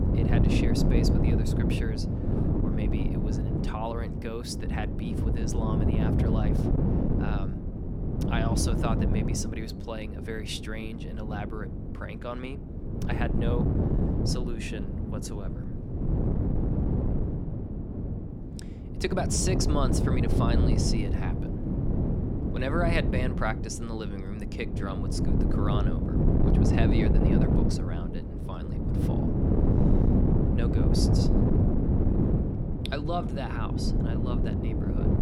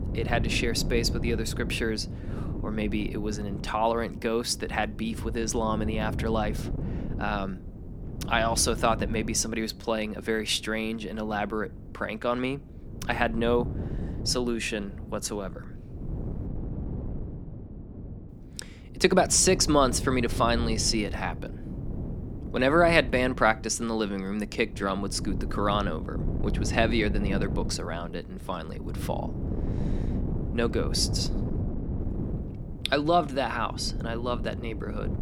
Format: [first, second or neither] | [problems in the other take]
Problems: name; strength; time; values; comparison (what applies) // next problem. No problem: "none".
second | wind noise on the microphone; heavy; 1 dB above the speech; occasional gusts in the second